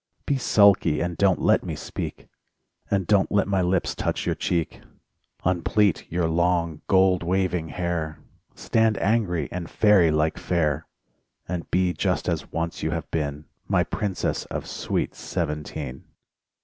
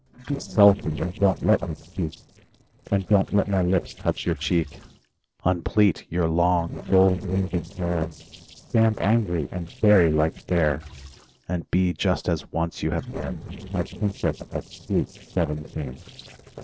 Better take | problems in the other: first | noise reduction (neural separator model SepFormer DNS4)

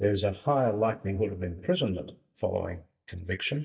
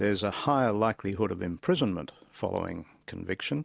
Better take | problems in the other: second | noise reduction (neural mask model DeepFilterNet 3)

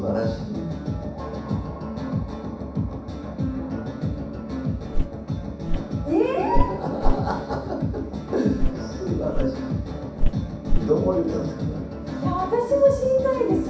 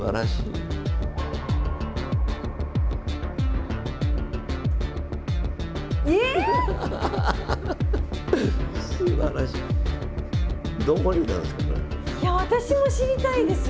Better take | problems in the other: second | background sound (Walk, footsteps); as loud as the speech // room echo; dies away in 0.7 s

